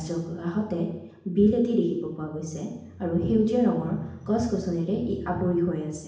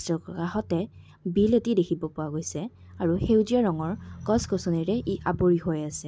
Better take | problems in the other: second | room echo; dies away in 0.8 s

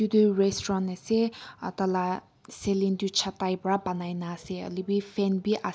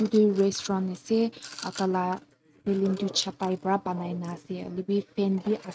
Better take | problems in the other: first | noise reduction (neural mask model RNNoise)

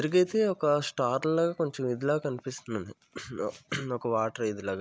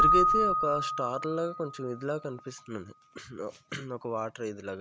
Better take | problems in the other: first | background sound (Keyboard (musical)); 3 dB above the speech

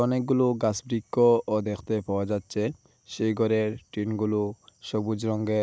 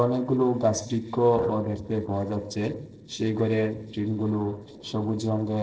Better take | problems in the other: first | noise reduction (neural separator model SepFormer DNS4)

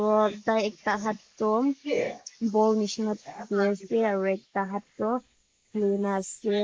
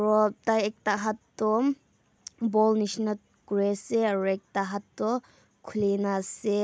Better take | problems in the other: second | noise reduction (neural mask model Resemble Enhance denoiser)

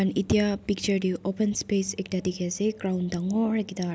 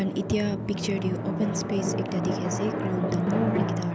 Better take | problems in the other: first | background sound (Drum); as loud as the speech

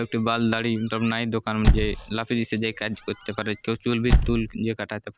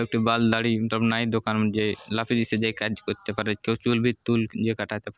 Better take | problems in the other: second | background sound (Squeak / Slam); 1 dB below the speech

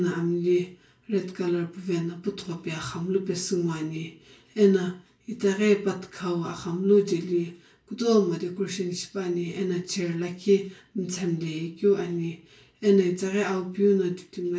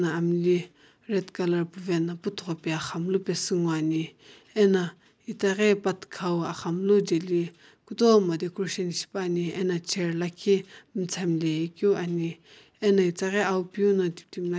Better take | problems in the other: second | room echo; dies away in 0.3 s

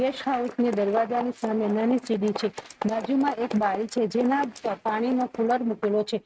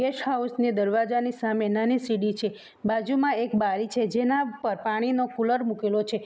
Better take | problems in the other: second | noise reduction (neural mask model RNNoise)

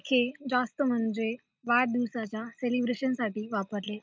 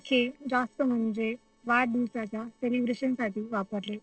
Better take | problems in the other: first | noise reduction (neural separator model SepFormer DNS4)

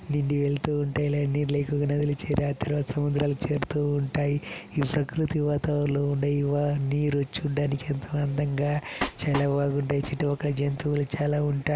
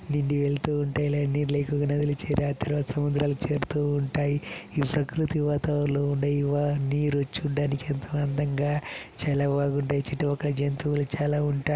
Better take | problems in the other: second | background sound (Train); 11 dB below the speech

